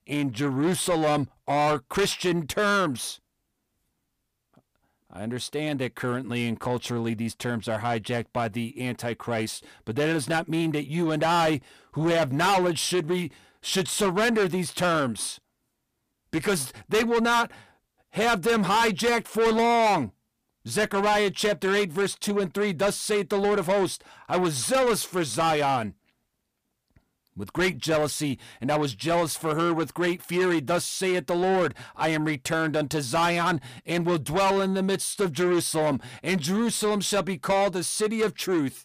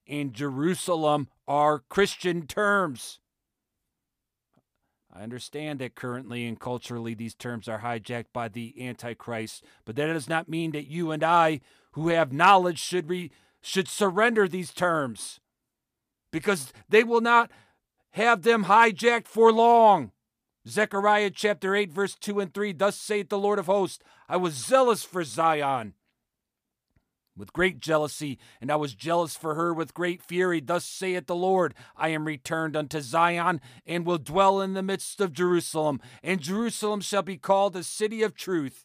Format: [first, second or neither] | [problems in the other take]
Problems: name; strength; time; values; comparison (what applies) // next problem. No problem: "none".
second | distortion; heavy; 6 dB below the speech